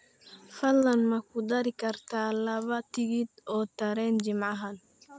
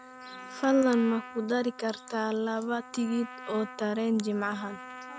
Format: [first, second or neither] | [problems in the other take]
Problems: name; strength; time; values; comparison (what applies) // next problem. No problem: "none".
first | background sound (Trumpet); 16 dB below the speech